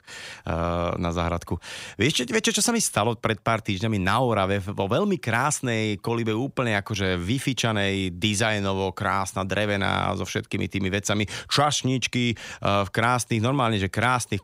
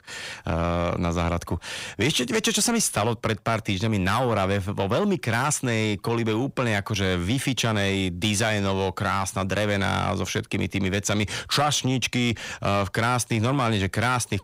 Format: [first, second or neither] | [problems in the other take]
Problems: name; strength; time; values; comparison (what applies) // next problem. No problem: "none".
first | distortion; slight; 10 dB below the speech